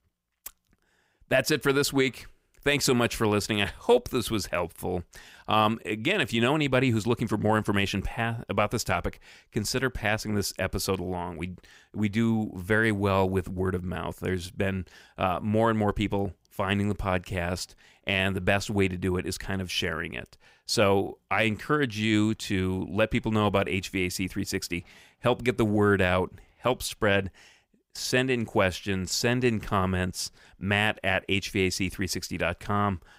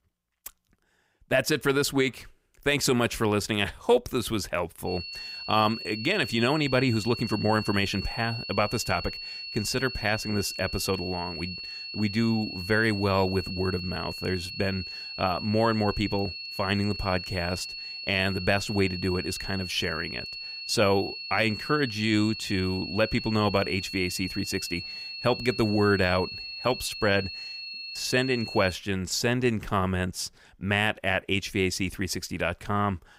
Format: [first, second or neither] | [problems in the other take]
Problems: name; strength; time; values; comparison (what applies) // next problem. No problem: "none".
first | high-pitched whine; loud; from 5 to 29 s; 4.5 kHz, 8 dB below the speech